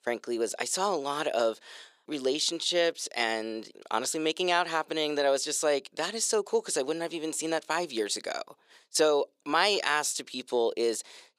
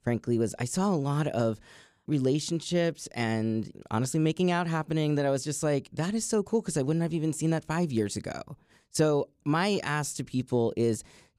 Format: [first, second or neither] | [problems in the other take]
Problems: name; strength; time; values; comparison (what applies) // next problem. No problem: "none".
second | thin; very; fading below 450 Hz